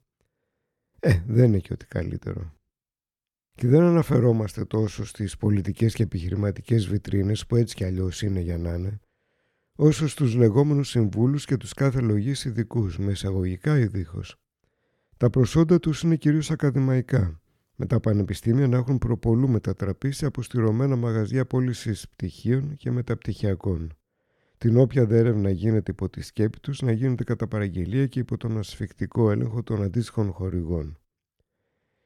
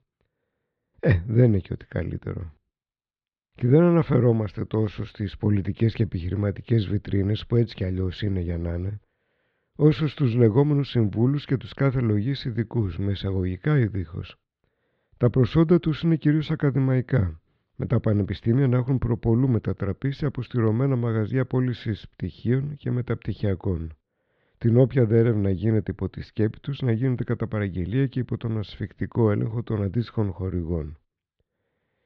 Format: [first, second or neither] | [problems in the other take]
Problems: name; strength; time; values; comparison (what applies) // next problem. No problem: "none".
first | muffled; slightly; fading above 4 kHz